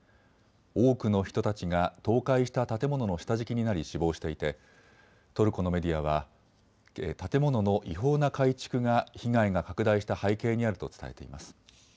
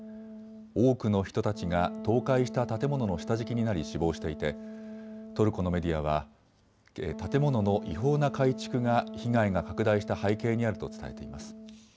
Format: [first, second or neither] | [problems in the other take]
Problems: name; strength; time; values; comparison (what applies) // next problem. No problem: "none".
first | background sound (Wind instrument, woodwind instrument); 12 dB below the speech